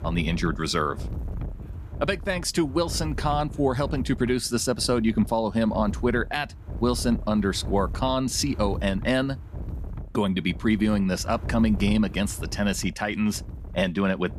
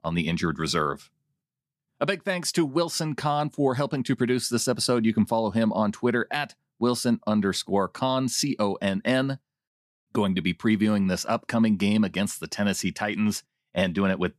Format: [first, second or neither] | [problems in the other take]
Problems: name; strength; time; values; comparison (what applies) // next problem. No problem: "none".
second | wind noise on the microphone; occasional gusts; 20 dB below the speech